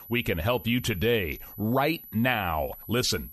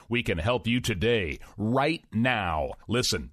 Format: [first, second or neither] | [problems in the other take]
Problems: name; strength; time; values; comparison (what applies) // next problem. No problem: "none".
second | high-pitched whine; noticeable; throughout; 12 kHz, 15 dB below the speech